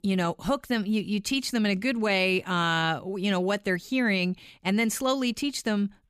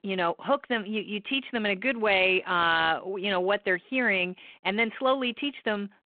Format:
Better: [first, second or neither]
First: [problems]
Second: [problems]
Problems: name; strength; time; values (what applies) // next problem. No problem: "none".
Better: first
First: none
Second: phone-call audio